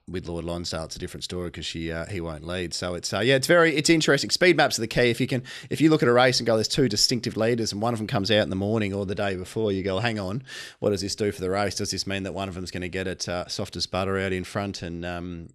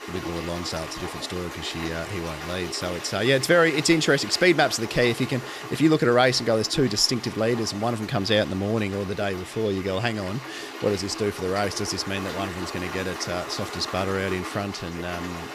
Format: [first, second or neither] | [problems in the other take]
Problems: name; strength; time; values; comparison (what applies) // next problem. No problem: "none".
first | rain or running water; noticeable; throughout; 10 dB below the speech